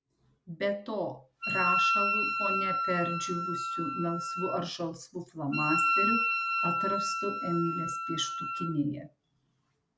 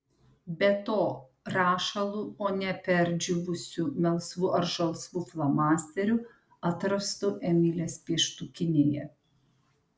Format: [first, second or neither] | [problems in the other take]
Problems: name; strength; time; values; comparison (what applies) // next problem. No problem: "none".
second | background sound (Wind instrument, woodwind instrument); 4 dB above the speech